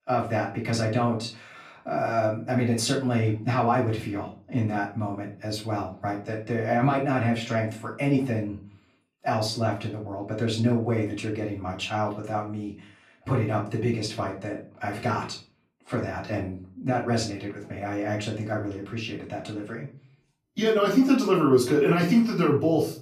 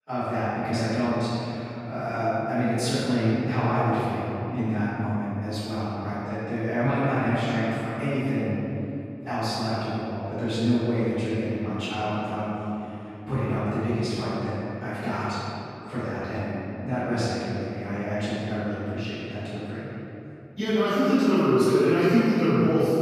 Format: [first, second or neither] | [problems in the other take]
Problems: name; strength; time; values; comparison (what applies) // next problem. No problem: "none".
first | room echo; strong; dies away in 2.9 s; slight in the first // off-mic speech; far; far in the first